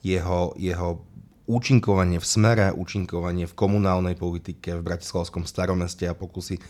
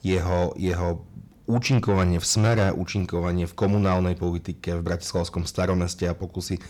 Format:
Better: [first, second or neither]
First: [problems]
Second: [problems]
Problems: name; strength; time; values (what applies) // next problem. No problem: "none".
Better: first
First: none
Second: distortion; slight; 10 dB below the speech